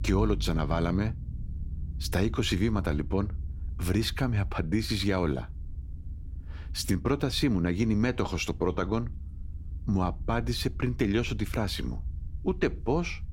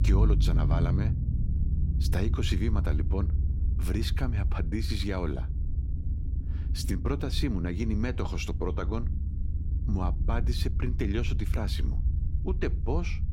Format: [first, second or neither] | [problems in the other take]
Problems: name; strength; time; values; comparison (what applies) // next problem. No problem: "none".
first | low rumble; loud; throughout; 9 dB below the speech; faint in the first